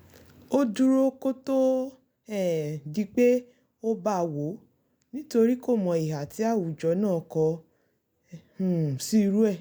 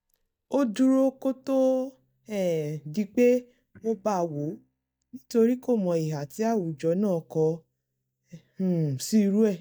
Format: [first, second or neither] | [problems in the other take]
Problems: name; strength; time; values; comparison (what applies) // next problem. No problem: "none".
first | noise reduction (neural mask model DeepFilterNet 3)